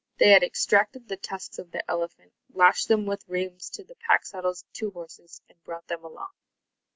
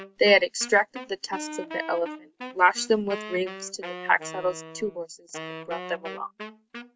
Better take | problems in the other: first | background sound (Wind instrument, woodwind instrument); 12 dB below the speech

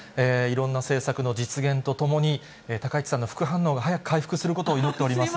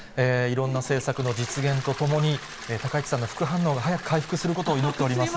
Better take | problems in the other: first | background sound (Toilet flush); 14 dB below the speech

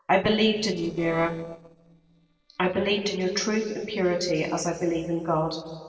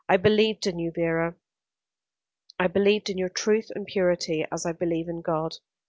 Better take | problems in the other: second | noise reduction (neural separator model SepFormer DNS4)

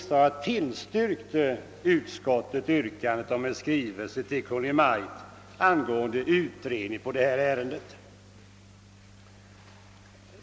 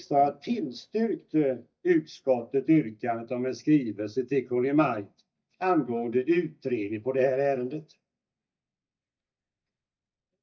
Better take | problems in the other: first | noise reduction (neural mask model DeepFilterNet 3)

